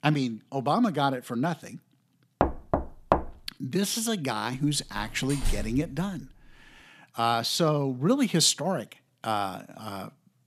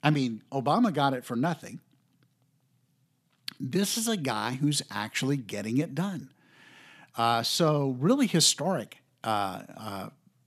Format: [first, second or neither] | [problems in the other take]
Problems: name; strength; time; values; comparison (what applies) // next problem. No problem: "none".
second | door banging; noticeable; at 2.5 s and at 5 s; peak level with the speech